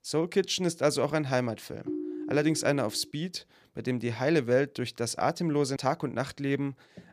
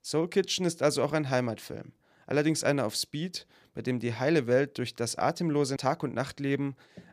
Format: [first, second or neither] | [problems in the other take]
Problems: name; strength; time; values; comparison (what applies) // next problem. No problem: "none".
second | phone ringing; noticeable; from 2 to 3 s; peak 6 dB below the speech